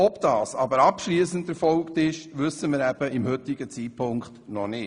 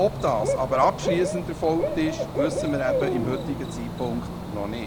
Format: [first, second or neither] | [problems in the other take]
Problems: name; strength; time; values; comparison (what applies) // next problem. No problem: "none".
first | background sound (Cricket / Bird); 2 dB below the speech